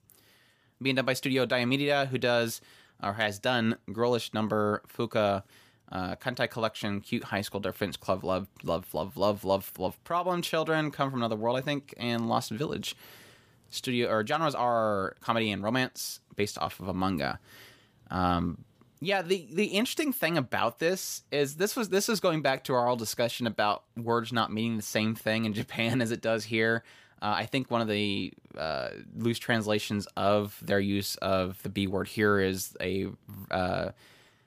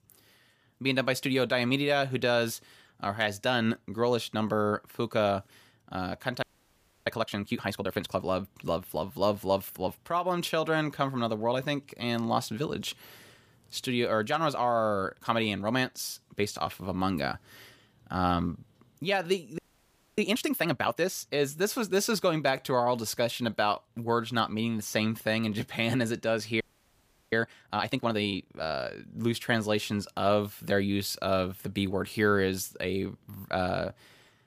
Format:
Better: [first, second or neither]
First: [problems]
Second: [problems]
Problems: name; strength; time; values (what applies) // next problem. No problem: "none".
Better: first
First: none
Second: audio freezing; at 6.5 s for 0.5 s, at 20 s for 0.5 s and at 27 s for 0.5 s